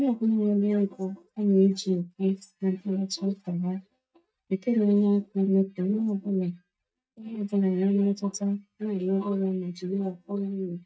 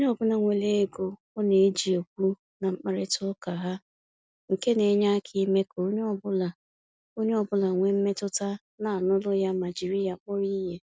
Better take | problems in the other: second | noise reduction (neural mask model DeepFilterNet 3)

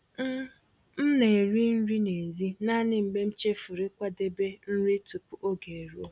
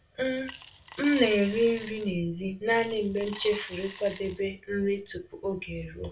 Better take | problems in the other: first | background sound (Coin (dropping) / Glass); 17 dB below the speech // room echo; dies away in 0.2 s

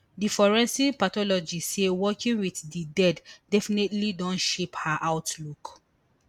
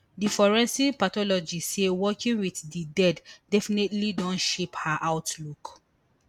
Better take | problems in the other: first | background sound (Snare drum); 17 dB below the speech

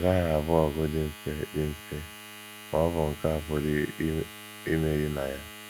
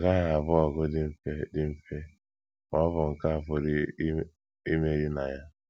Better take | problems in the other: second | background sound (Domestic sounds, home sounds); 15 dB below the speech

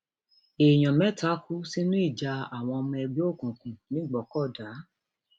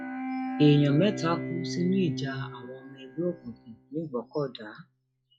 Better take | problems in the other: first | noise reduction (classical method log-MMSE)

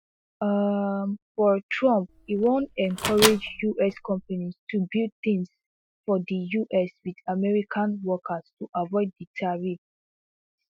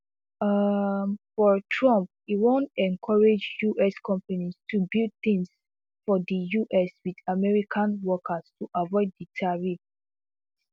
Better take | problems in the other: second | noise reduction (classical method Wiener filter)

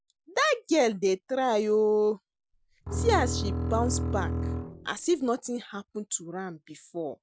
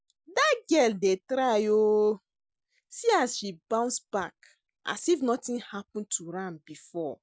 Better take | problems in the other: second | background sound (Bowed string instrument); 2 dB below the speech

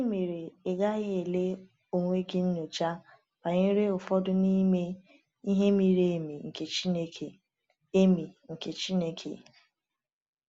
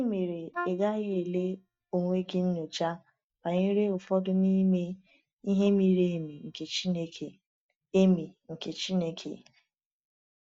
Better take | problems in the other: first | noise reduction (neural mask model DeepFilterNet 3)

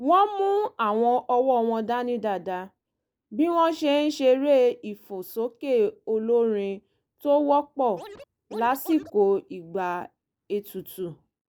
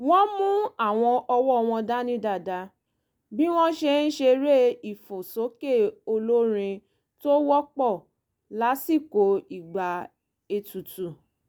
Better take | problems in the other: second | noise reduction (neural mask model Resemble Enhance denoiser)

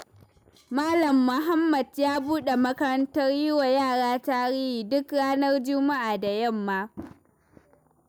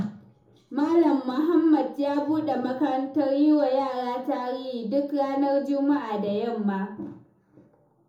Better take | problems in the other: first | room echo; dies away in 0.9 s

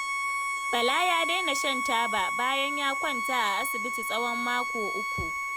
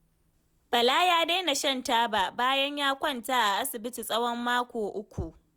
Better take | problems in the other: second | background sound (Bowed string instrument); 1 dB above the speech

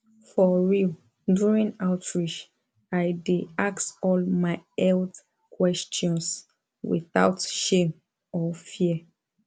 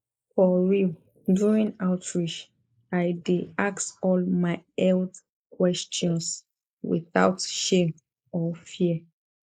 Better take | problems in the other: first | noise reduction (neural mask model Resemble Enhance denoiser)

